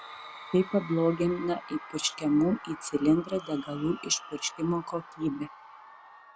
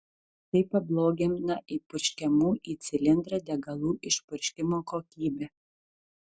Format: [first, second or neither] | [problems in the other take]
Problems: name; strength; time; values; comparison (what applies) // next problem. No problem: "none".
second | background sound (Crowd / Cheering); 16 dB below the speech